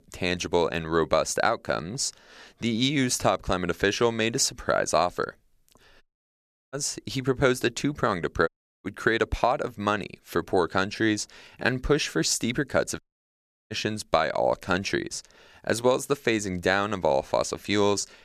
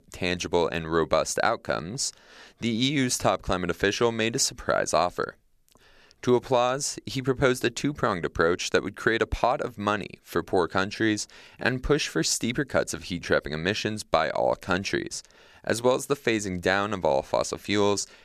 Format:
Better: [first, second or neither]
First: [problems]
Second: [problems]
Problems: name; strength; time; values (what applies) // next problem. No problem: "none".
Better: second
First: audio cutting out; at 6 s for 0.5 s, at 8.5 s and at 13 s for 0.5 s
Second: none